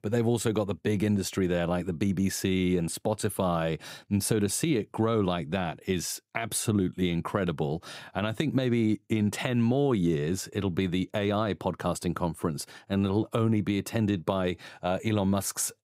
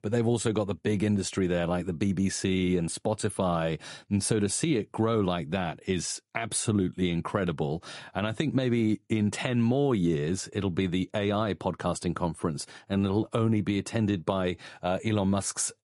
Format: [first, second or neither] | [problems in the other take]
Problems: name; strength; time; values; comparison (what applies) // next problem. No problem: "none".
first | garbled, watery; slightly; nothing above 11 kHz